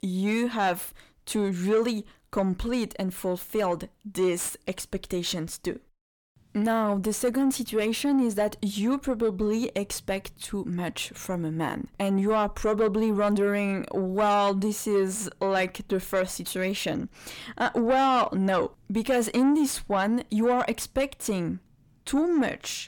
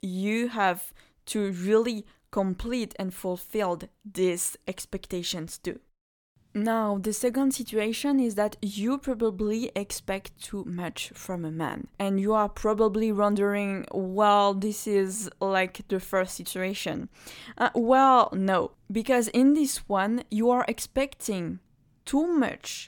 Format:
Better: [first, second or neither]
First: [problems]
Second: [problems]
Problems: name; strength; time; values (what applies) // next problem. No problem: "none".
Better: second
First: distortion; slight; 10 dB below the speech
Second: none